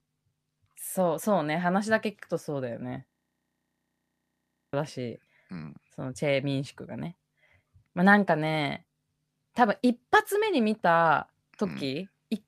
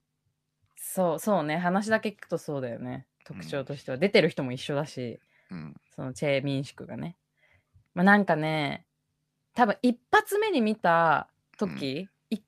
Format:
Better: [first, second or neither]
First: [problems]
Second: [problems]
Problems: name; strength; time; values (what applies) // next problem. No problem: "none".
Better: second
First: audio freezing; at 3 s for 1.5 s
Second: none